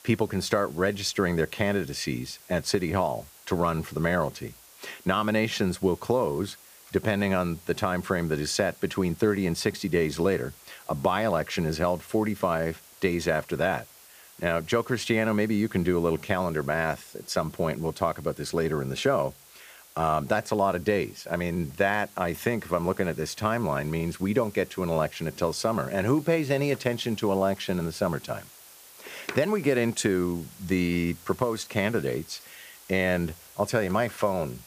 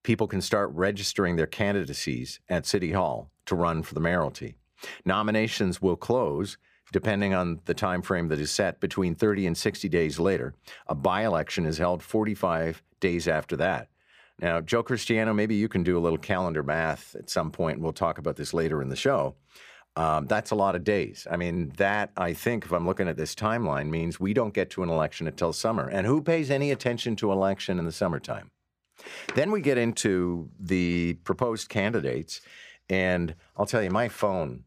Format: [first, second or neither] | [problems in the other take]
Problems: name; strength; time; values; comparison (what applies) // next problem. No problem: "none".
second | hiss; faint; throughout; 20 dB below the speech